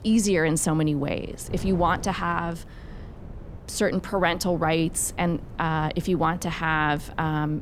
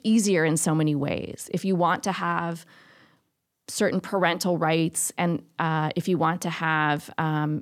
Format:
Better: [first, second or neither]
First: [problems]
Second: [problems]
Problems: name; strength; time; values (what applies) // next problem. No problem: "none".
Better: second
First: wind noise on the microphone; occasional gusts; 20 dB below the speech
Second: none